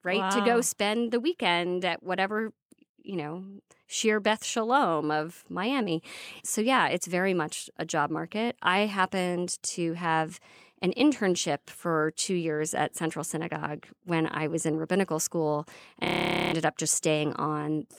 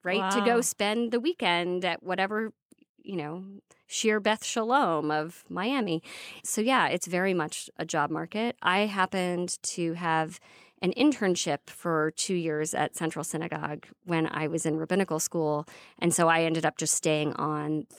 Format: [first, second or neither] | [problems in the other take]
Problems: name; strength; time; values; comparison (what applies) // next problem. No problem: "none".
second | audio freezing; at 16 s